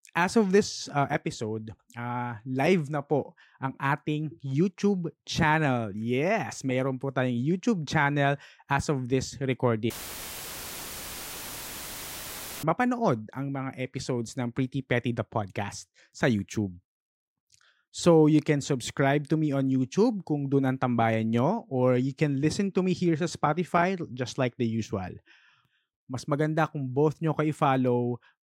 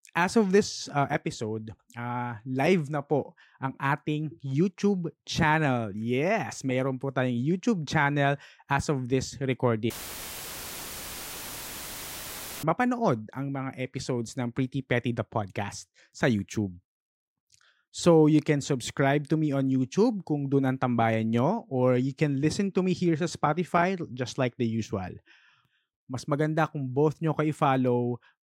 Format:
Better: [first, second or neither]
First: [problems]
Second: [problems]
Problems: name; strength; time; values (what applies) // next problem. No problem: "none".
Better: neither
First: audio cutting out; filled with static; at 10 s for 2.5 s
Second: audio cutting out; filled with static; at 10 s for 2.5 s